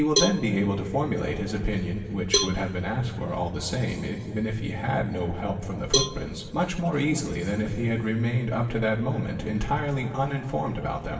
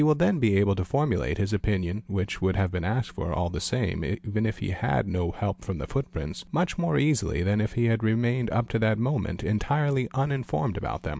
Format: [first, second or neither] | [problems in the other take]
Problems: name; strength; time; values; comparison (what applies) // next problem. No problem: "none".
second | background sound (Cowbell); 6 dB below the speech // room echo; dies away in 2.8 s